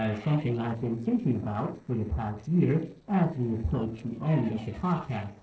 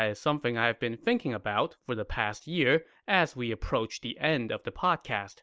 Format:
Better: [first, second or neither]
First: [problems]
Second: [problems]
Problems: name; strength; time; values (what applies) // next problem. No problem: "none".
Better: second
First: noise reduction (neural separator model SepFormer DNS4)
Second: none